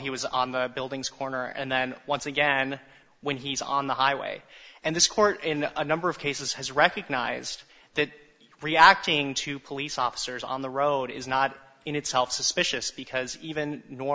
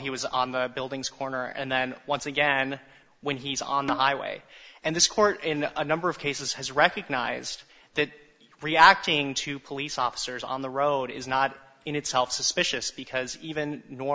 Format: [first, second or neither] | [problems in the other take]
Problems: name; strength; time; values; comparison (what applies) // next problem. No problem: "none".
first | background sound (Percussion); 9 dB below the speech